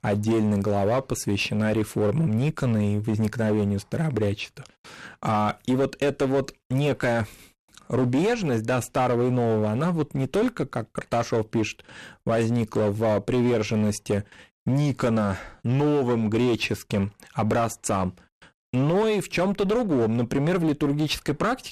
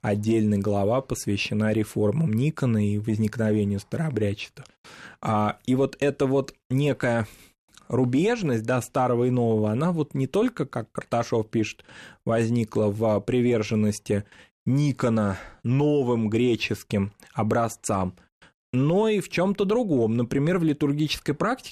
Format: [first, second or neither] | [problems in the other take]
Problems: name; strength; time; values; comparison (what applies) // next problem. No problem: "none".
second | distortion; slight; 16% of the sound clipped